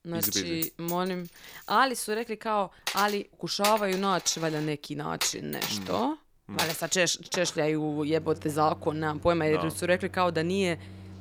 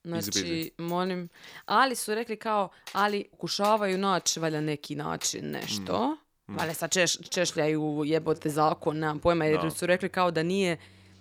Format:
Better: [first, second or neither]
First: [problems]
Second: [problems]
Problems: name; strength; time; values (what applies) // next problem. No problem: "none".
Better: second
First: household noises; loud; throughout; 8 dB below the speech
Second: household noises; faint; throughout; 20 dB below the speech